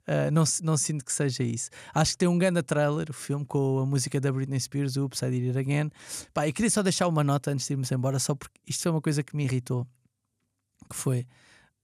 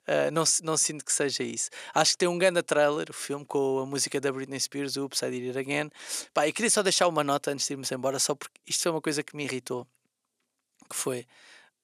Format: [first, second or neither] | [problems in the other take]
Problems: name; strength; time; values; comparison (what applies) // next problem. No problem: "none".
first | thin; somewhat; fading below 400 Hz